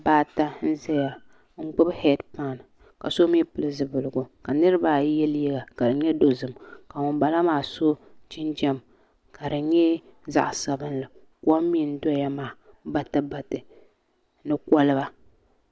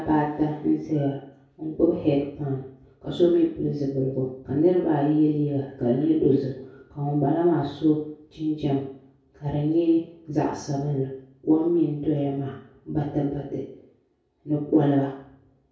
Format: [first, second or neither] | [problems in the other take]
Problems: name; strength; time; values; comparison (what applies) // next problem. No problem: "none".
first | room echo; dies away in 0.6 s